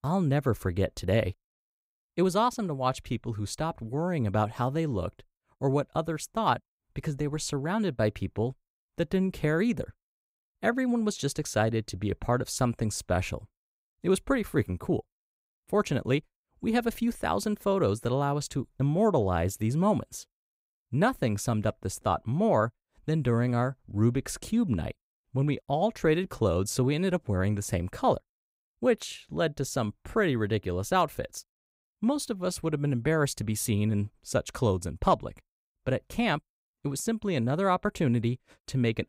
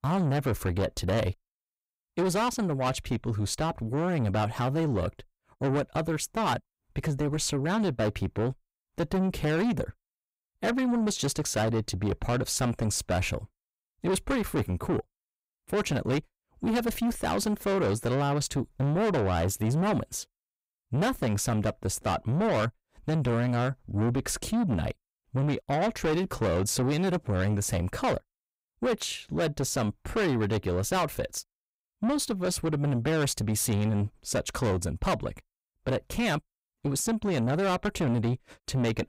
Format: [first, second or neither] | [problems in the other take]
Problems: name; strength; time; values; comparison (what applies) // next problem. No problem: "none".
first | distortion; heavy; 7 dB below the speech